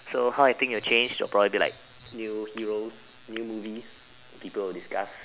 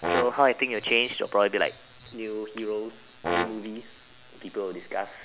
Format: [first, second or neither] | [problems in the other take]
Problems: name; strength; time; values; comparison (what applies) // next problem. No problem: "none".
first | background sound (Brass instrument); 6 dB below the speech